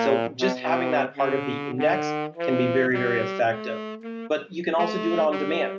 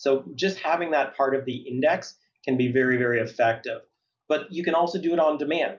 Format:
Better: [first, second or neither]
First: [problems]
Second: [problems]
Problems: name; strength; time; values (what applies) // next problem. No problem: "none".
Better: second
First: background sound (Wind instrument, woodwind instrument); 3 dB below the speech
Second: none